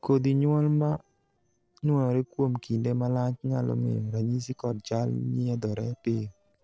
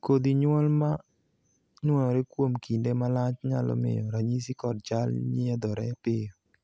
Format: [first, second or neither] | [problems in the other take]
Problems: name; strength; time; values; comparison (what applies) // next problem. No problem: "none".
second | noise reduction (neural separator model SepFormer DNS4)